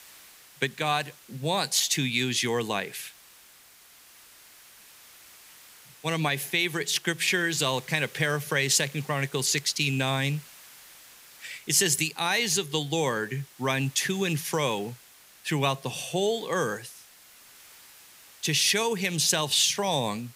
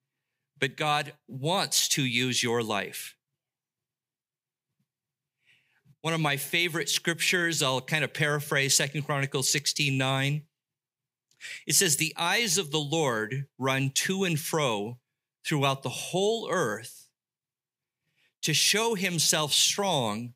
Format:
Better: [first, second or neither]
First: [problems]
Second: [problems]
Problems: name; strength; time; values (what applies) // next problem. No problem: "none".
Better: second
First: hiss; faint; throughout; 25 dB below the speech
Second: none